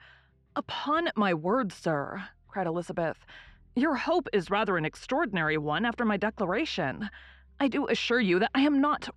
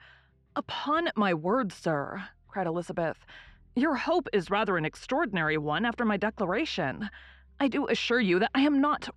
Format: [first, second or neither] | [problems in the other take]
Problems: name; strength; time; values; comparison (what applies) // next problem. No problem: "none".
neither | muffled; slightly; fading above 3 kHz; the same in both